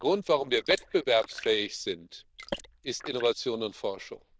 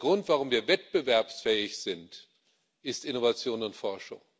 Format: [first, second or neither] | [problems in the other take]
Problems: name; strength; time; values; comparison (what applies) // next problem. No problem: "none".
second | noise reduction (neural diffusion model UNIVERSE++)